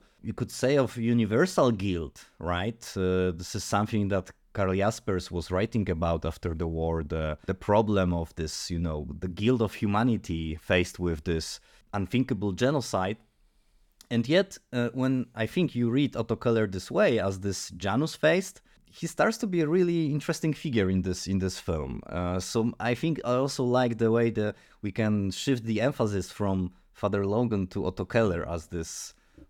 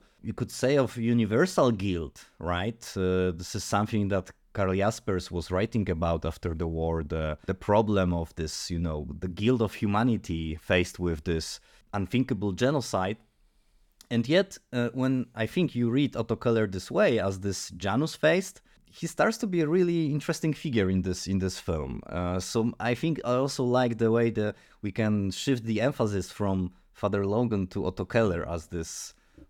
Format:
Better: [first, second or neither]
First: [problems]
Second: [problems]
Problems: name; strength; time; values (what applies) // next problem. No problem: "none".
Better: neither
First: none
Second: none